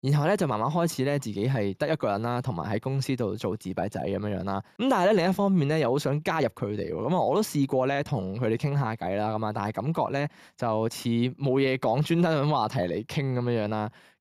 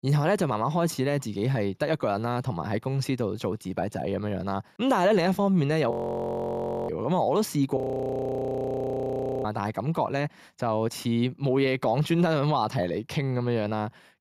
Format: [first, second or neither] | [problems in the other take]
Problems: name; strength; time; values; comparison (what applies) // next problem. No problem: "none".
first | audio freezing; at 6 s for 1 s and at 8 s for 1.5 s